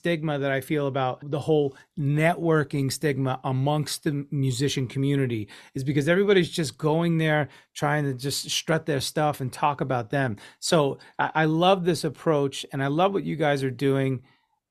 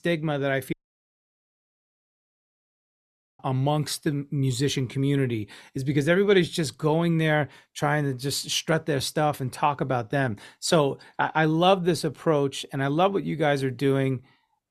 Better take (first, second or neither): first